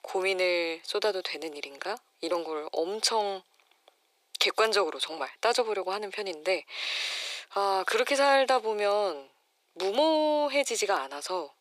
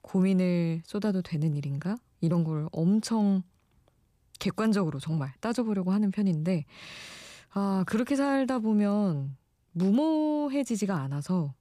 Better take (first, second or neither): second